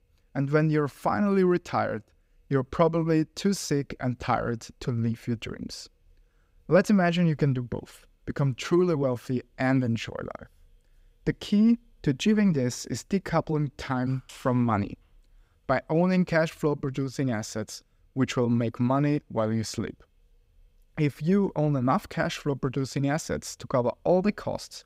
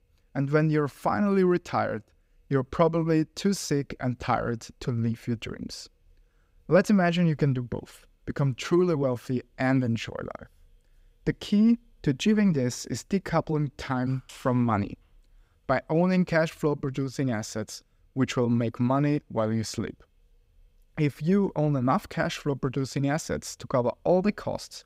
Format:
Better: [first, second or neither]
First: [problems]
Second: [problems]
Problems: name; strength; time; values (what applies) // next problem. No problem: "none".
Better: neither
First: none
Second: none